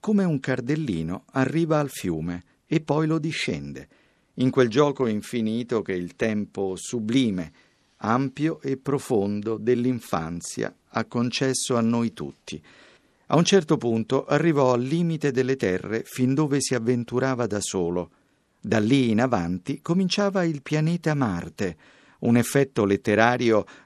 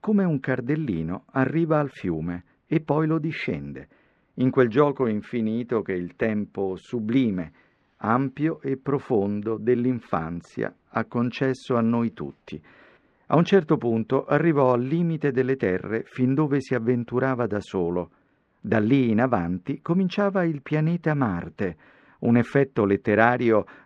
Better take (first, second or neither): first